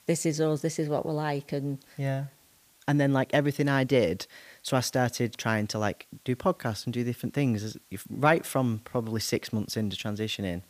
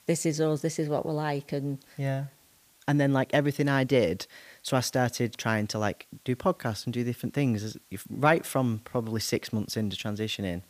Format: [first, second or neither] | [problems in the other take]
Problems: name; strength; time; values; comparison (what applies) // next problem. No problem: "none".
neither | hiss; faint; throughout; 30 dB below the speech; the same in both